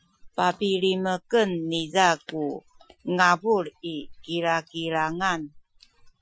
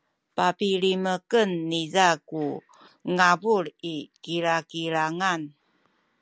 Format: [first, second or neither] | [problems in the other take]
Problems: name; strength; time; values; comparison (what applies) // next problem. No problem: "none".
second | noise reduction (classical method Wiener filter)